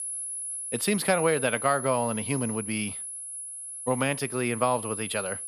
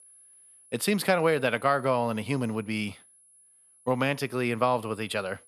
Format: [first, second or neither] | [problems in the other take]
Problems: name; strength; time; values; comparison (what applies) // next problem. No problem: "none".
second | high-pitched whine; loud; throughout; 10.5 kHz, 6 dB below the speech; faint in the second